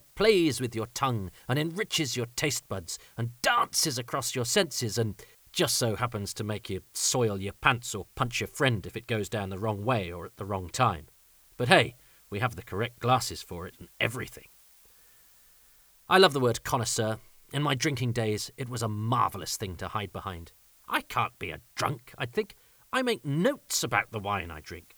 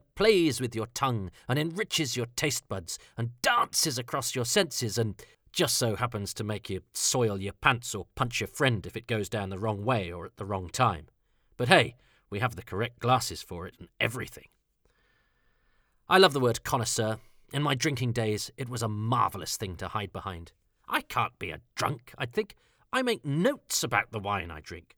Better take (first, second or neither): second